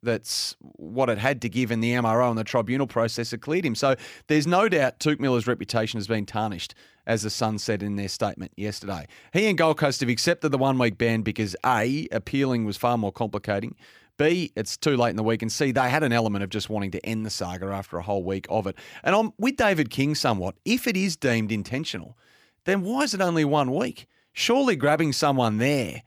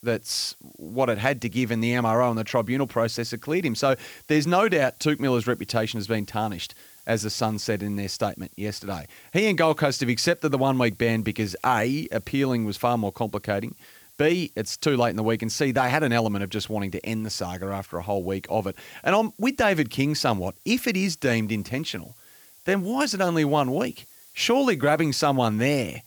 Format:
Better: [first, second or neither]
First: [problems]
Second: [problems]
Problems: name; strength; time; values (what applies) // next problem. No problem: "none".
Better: first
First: none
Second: hiss; faint; throughout; 25 dB below the speech